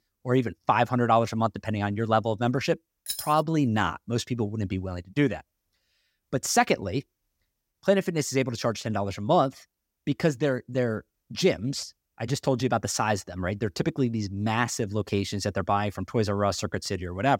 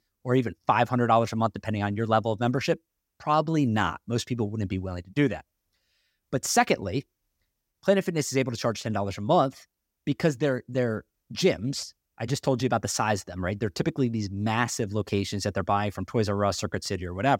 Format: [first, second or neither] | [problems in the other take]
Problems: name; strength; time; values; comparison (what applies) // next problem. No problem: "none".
second | jangling keys; noticeable; at 3 s; peak 6 dB below the speech